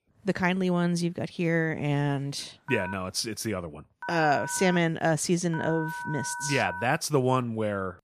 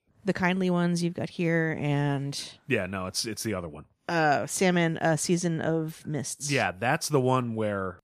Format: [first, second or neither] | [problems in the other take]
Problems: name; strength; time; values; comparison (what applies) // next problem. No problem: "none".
second | phone ringing; noticeable; from 2.5 to 7 s; peak 8 dB below the speech